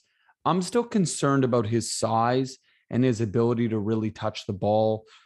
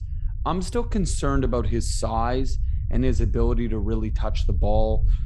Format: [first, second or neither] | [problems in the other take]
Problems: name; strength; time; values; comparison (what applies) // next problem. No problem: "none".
first | low rumble; noticeable; throughout; 20 dB below the speech